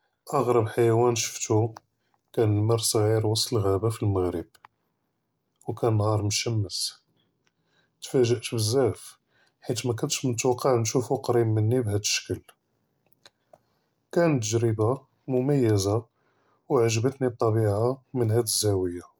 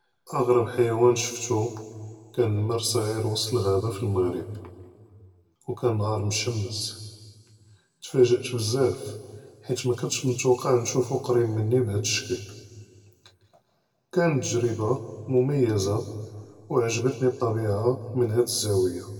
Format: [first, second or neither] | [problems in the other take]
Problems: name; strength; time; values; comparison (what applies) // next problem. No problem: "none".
first | room echo; dies away in 1.6 s